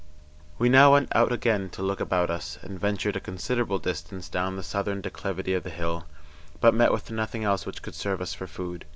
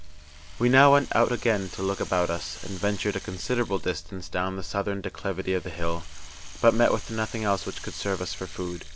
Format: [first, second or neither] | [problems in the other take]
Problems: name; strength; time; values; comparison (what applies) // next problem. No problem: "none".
first | background sound (Rattle (instrument)); 19 dB below the speech